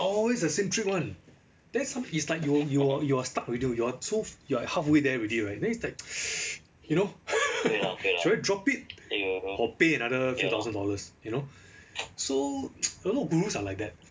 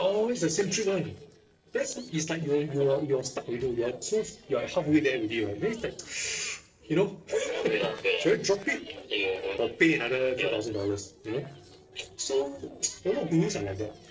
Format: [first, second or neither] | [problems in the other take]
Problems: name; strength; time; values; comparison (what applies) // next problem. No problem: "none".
first | noise reduction (neural separator model SepFormer DNS4)